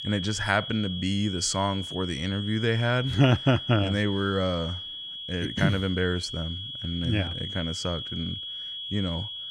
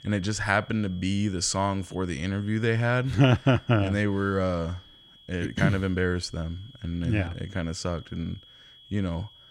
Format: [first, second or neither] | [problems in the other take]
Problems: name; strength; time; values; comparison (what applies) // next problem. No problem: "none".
second | high-pitched whine; loud; throughout; 3.5 kHz, 7 dB below the speech; faint in the second